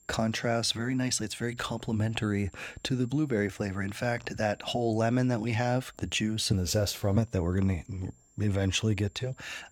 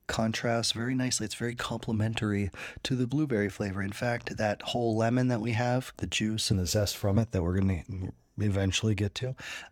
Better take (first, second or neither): second